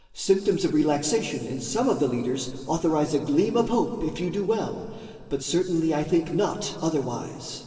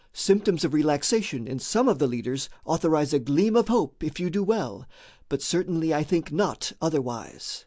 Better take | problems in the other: second | room echo; dies away in 2.8 s

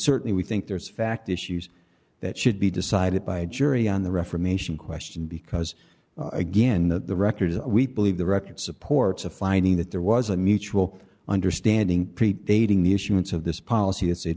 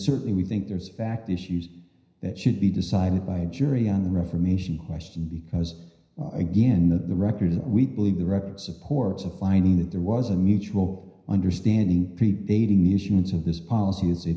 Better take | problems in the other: first | room echo; dies away in 0.9 s

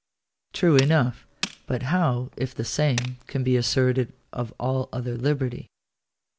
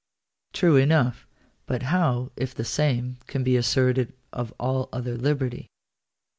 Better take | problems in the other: second | background sound (Tools); 14 dB below the speech

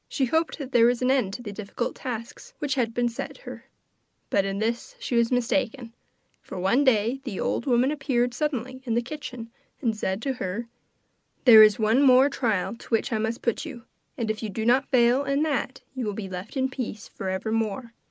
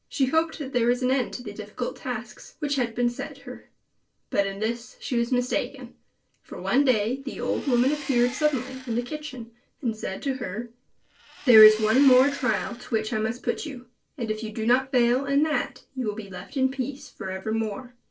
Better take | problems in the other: first | noise reduction (neural separator model SepFormer DNS4)

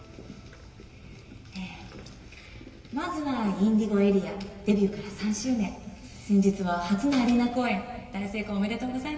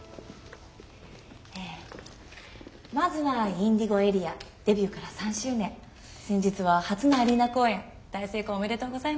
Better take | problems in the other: second | room echo; dies away in 2.3 s

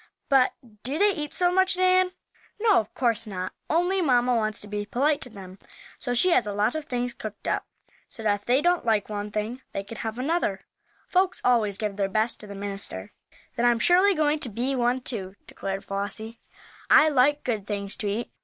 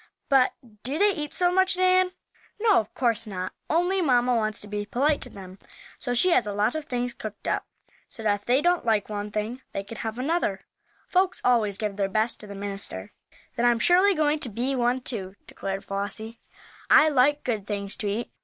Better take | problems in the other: first | background sound (Bass drum); 18 dB below the speech

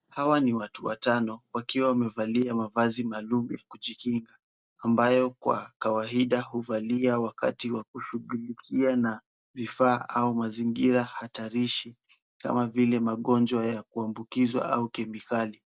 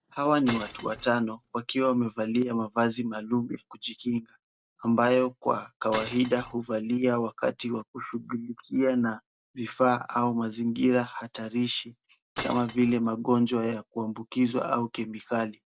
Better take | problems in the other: first | background sound (Glass); 12 dB below the speech

